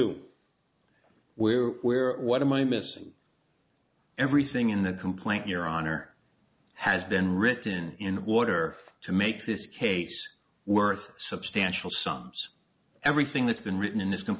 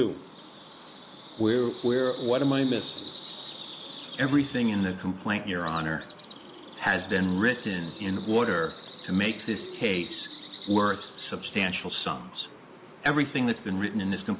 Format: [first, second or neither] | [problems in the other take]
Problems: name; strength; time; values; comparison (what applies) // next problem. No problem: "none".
first | background sound (Bird vocalization, bird call, bird song); 15 dB below the speech